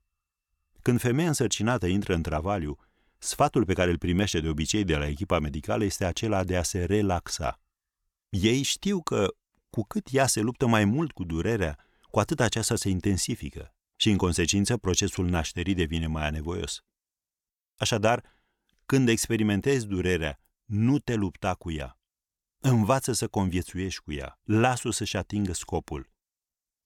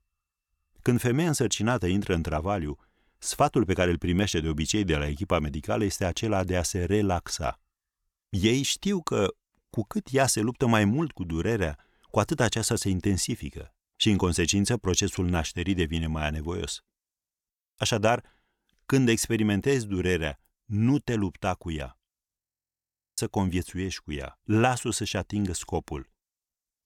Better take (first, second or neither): first